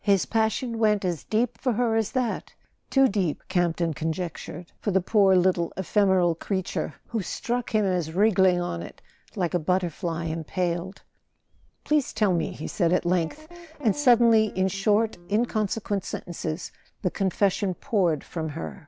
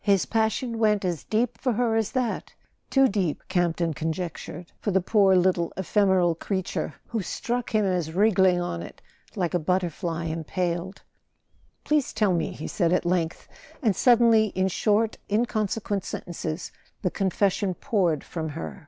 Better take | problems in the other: second | background sound (Guitar); 18 dB below the speech

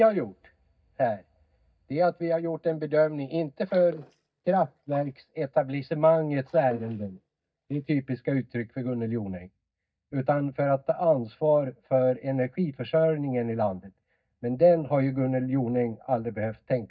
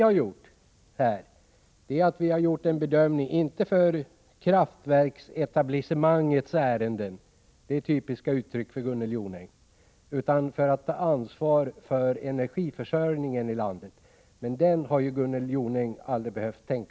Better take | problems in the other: second | noise reduction (neural mask model DeepFilterNet 3)

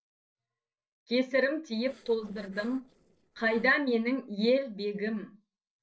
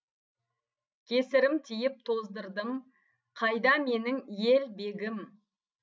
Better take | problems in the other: second | noise reduction (neural separator model SepFormer DNS4)

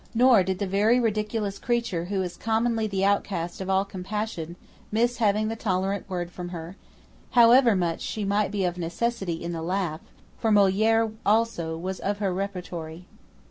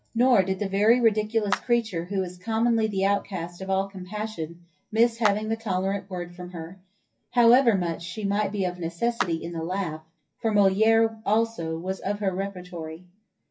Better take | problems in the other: first | noise reduction (classical method WPE with log-MMSE)

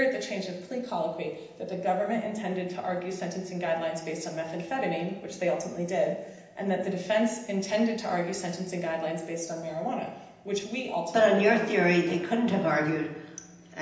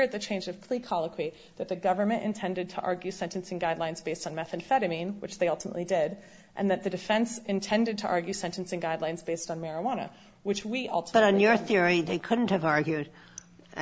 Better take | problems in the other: second | room echo; dies away in 0.9 s

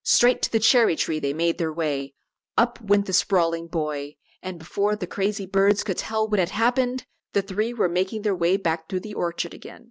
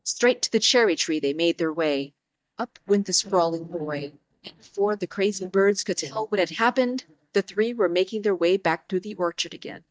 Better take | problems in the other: first | noise reduction (neural mask model DeepFilterNet 3)

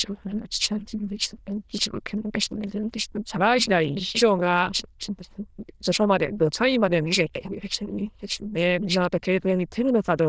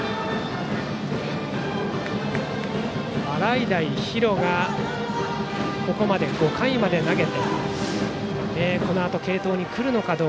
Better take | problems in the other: second | noise reduction (neural diffusion model UNIVERSE++)

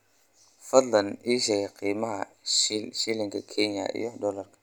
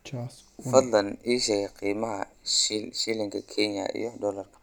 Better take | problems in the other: first | background sound (Clock); 15 dB below the speech

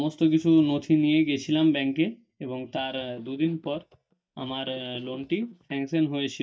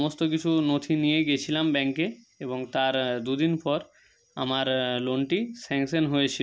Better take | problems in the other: second | noise reduction (neural mask model DeepFilterNet 3)

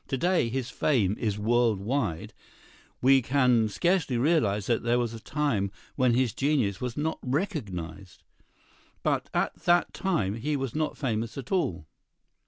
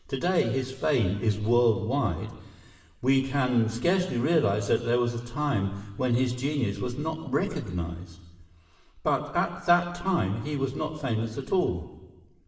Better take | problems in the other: first | room echo; dies away in 1.2 s

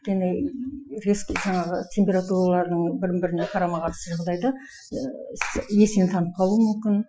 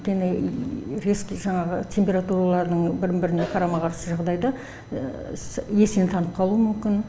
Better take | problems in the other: second | noise reduction (classical method Wiener filter)

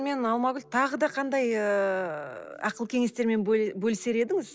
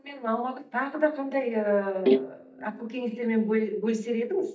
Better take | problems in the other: first | noise reduction (neural mask model DeepFilterNet 3)

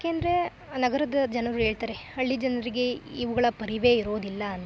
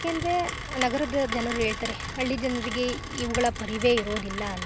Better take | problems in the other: first | background sound (Rain); 6 dB below the speech

